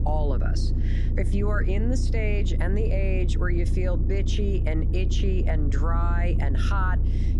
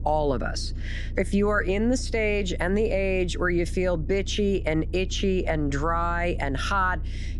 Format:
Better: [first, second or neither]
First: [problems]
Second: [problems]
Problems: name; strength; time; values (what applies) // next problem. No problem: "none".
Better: second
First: low rumble; loud; throughout; 8 dB below the speech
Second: low rumble; faint; throughout; 25 dB below the speech